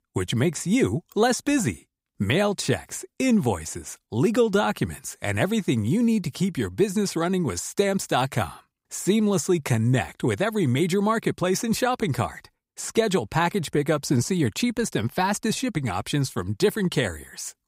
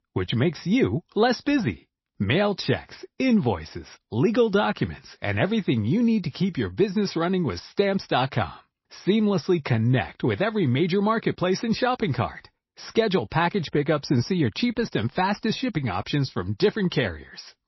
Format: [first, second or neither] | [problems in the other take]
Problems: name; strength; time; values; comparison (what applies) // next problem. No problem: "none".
first | garbled, watery; slightly; nothing above 5.5 kHz